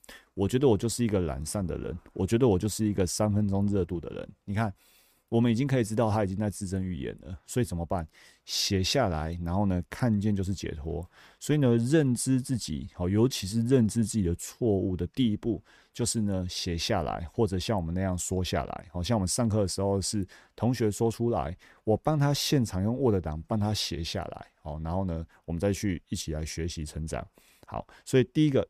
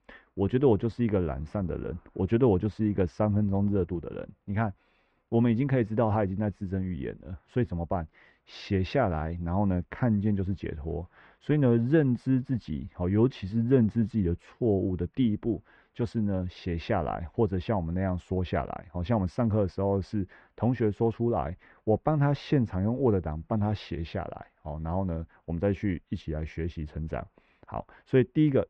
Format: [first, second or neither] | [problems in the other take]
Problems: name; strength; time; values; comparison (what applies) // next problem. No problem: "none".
first | muffled; very; fading above 2.5 kHz